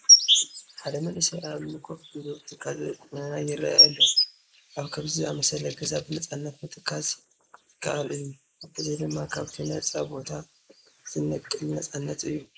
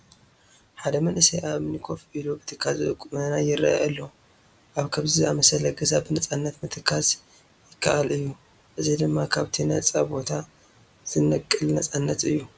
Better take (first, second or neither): second